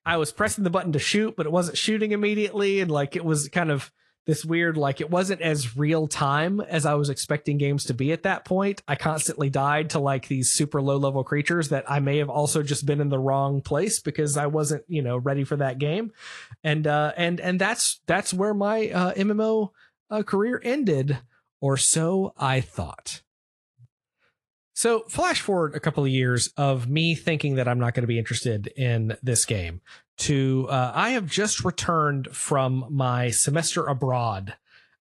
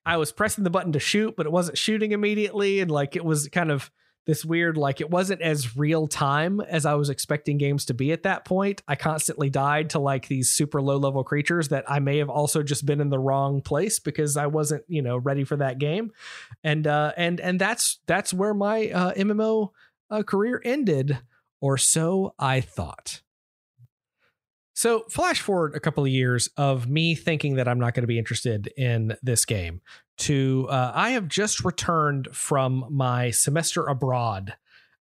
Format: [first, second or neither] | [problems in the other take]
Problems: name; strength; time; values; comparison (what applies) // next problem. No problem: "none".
second | garbled, watery; slightly